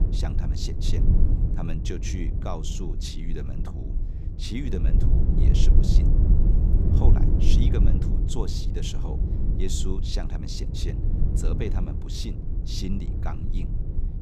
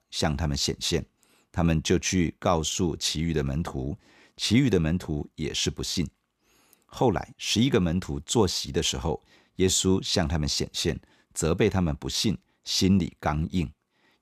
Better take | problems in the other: second | low rumble; loud; throughout; 2 dB below the speech

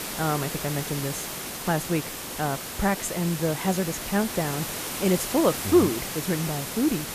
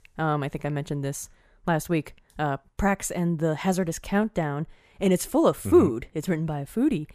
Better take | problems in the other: second | hiss; loud; throughout; 5 dB below the speech

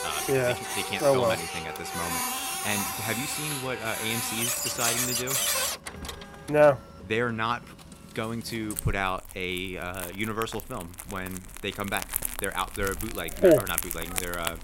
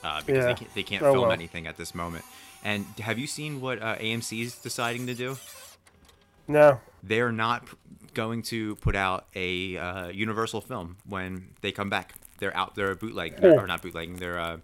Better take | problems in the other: second | household noises; loud; throughout; 2 dB below the speech; faint in the second

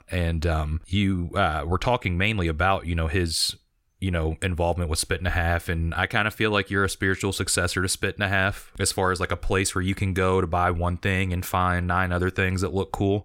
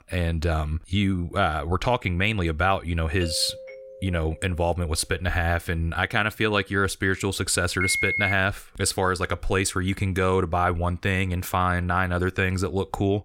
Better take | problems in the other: first | doorbell; faint; from 3 to 5 s; peak 10 dB below the speech // phone ringing; loud; at 8 s; peak 2 dB above the speech

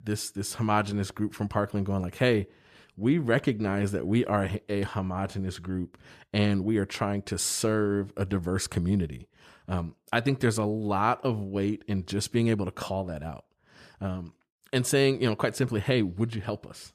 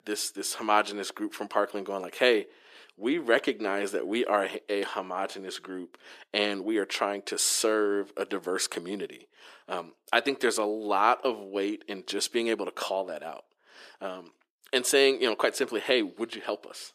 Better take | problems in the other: first | thin; somewhat; fading below 350 Hz

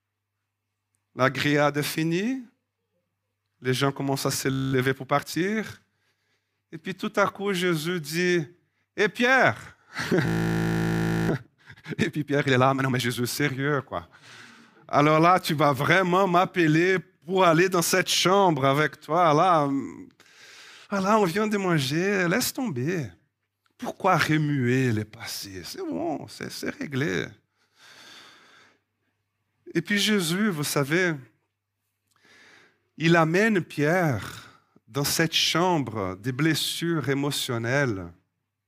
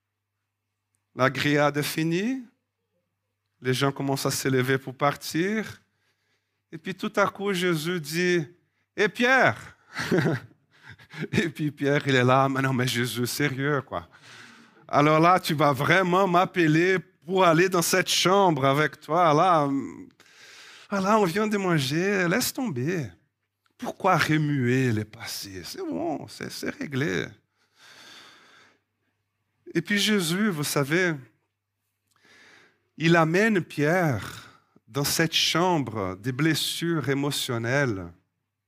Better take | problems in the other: second | audio freezing; at 4.5 s and at 10 s for 1 s

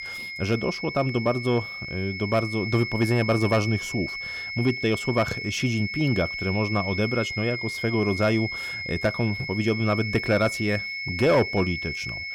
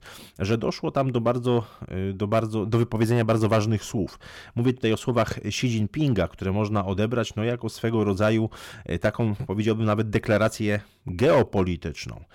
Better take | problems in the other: second | high-pitched whine; loud; throughout; 2 kHz, 5 dB below the speech

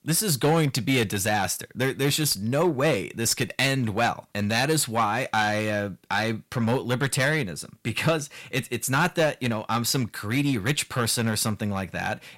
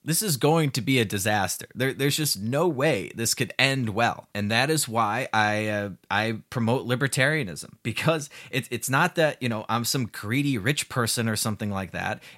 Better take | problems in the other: second | distortion; slight; 5% of the sound clipped

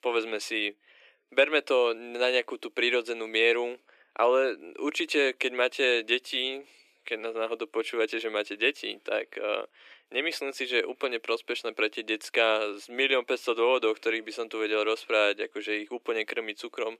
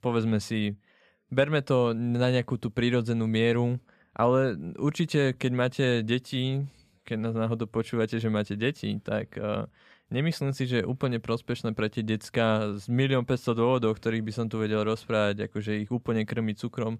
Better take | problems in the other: second | thin; very; fading below 300 Hz

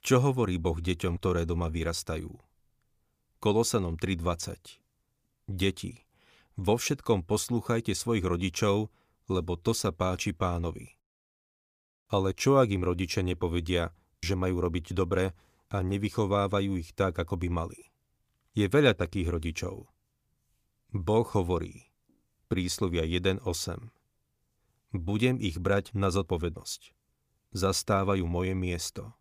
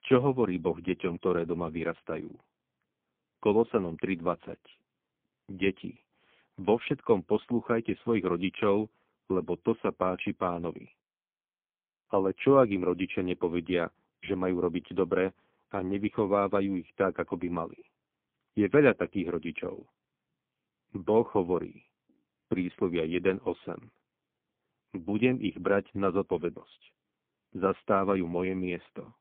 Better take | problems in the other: first | phone-call audio; poor line; nothing above 3.5 kHz

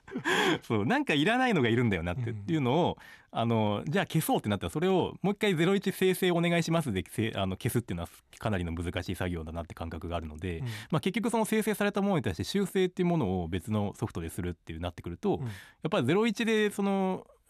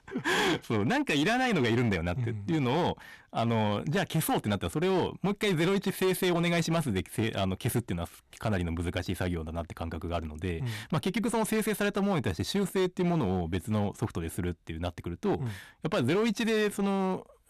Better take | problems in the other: first | distortion; slight; 10% of the sound clipped

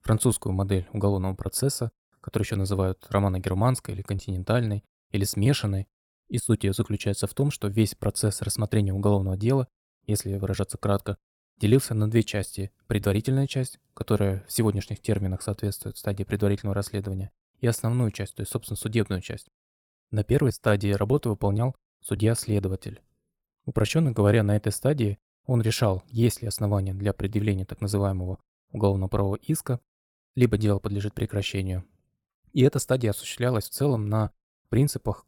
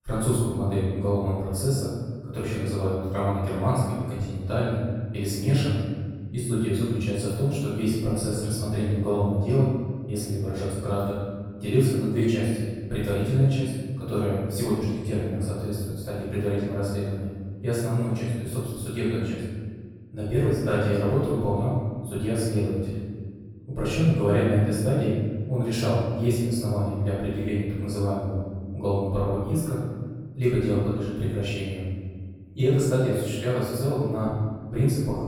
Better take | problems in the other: first | room echo; strong; dies away in 1.5 s // off-mic speech; far

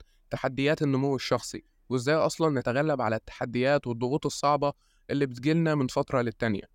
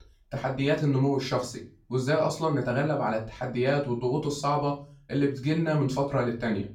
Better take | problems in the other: first | off-mic speech; far // room echo; slight; dies away in 0.3 s

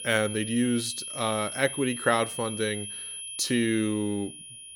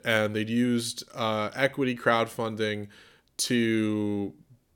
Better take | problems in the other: second | high-pitched whine; loud; throughout; 10.5 kHz, 7 dB below the speech

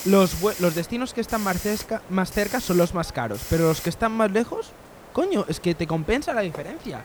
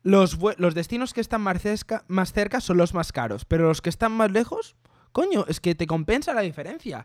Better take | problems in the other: second | hiss; noticeable; throughout; 10 dB below the speech

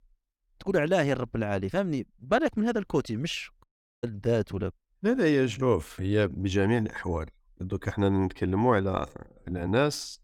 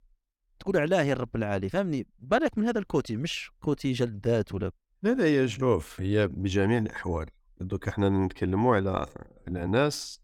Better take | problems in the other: second | audio cutting out; at 3.5 s

